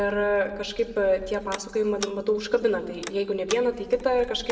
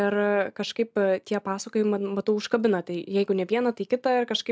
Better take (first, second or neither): second